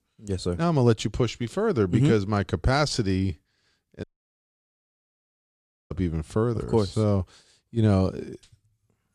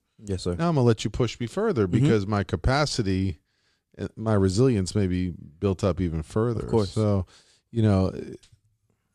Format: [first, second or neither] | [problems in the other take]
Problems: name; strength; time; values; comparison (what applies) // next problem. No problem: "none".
second | audio cutting out; at 4 s for 2 s